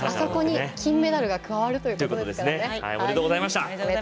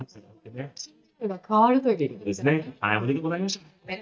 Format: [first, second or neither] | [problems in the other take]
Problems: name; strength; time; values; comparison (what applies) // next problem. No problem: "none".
first | noise reduction (neural mask model DeepFilterNet 3)